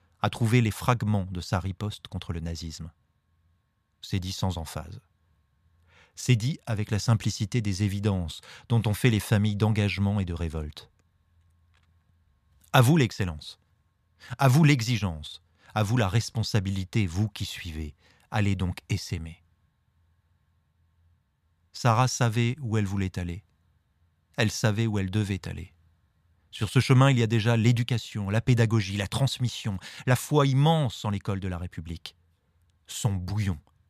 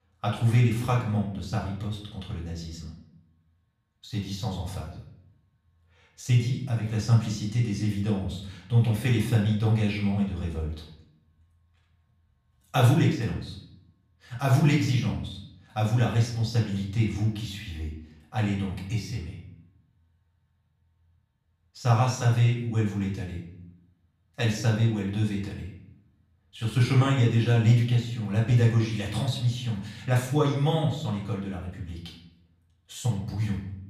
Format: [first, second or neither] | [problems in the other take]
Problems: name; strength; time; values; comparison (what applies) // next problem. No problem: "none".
first | off-mic speech; far // room echo; noticeable; dies away in 0.6 s